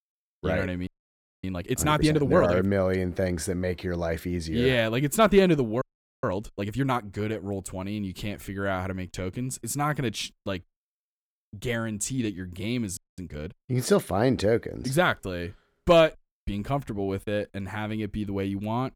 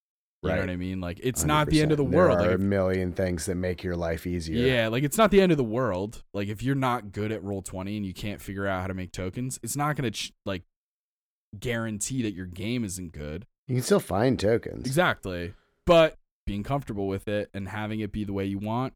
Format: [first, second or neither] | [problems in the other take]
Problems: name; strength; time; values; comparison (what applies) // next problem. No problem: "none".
second | audio freezing; at 1 s for 0.5 s, at 6 s and at 13 s